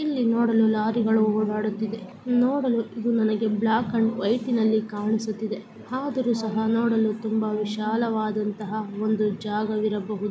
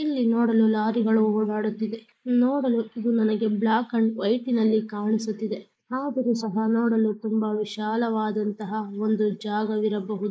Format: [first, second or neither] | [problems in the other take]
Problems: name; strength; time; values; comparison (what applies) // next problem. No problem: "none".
first | noise reduction (neural mask model Resemble Enhance denoiser)